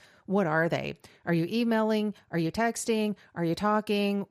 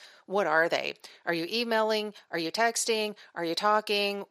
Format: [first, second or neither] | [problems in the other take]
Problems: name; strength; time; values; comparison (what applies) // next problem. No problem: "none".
first | thin; somewhat; fading below 450 Hz